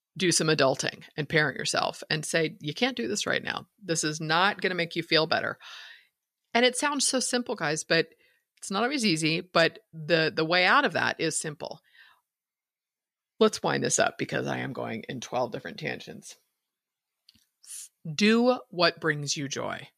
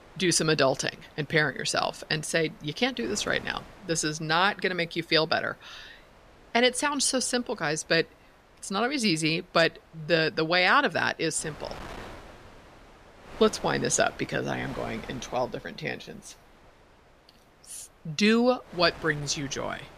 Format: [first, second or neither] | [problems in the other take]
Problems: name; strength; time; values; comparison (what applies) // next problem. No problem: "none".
first | wind noise on the microphone; occasional gusts; 25 dB below the speech